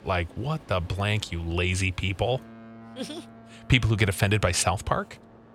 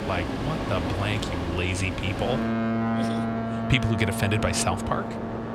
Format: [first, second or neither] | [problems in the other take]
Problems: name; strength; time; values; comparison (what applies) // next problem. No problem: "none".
first | train or aircraft noise; loud; throughout; 1 dB below the speech; faint in the first